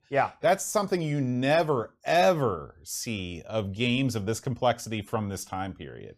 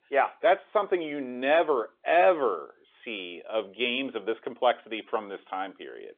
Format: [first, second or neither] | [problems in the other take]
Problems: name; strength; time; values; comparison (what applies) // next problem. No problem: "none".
first | phone-call audio; nothing above 3.5 kHz